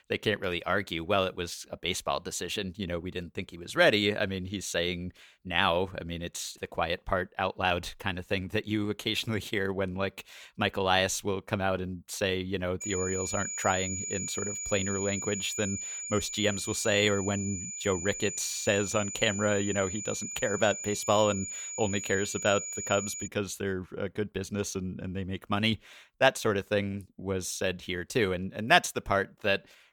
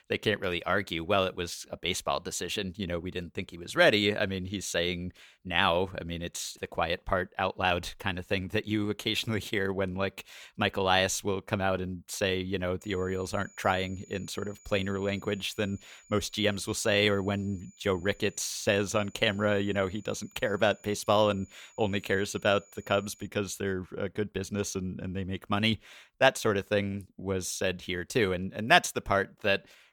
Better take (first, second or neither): second